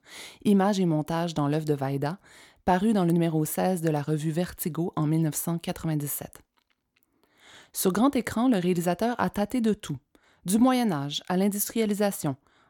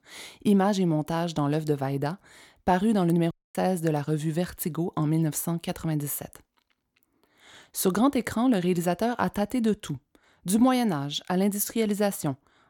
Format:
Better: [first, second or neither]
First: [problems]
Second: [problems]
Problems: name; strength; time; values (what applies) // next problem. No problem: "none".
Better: first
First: none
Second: audio cutting out; at 3.5 s